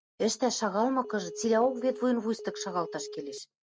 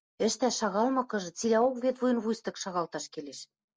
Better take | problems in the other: second | noise reduction (neural mask model RNNoise)

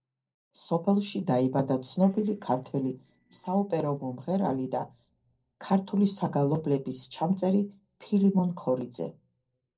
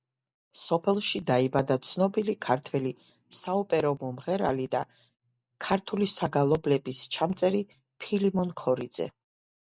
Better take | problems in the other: second | noise reduction (neural separator model SepFormer DNS4)

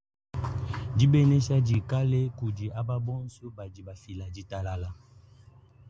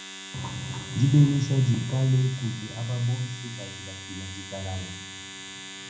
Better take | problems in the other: first | background sound (Domestic sounds, home sounds); 13 dB below the speech // room echo; dies away in 0.6 s

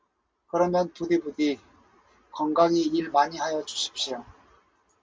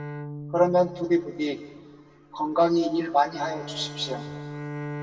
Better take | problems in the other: first | background sound (Bowed string instrument); 12 dB below the speech // room echo; dies away in 1.6 s

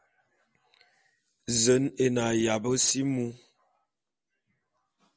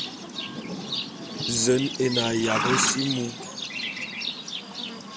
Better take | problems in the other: first | background sound (Livestock, farm animals, working animals); 2 dB below the speech

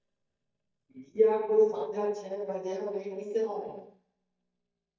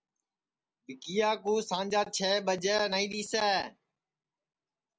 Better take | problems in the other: second | noise reduction (neural mask model DeepFilterNet 3)

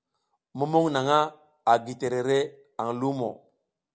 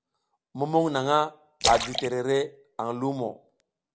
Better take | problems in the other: first | background sound (Splash, splatter); 6 dB below the speech

